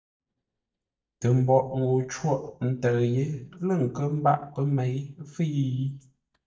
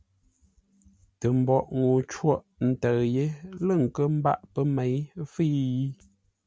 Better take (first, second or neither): second